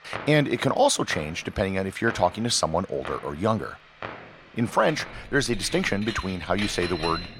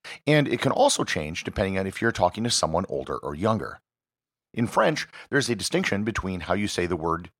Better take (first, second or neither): second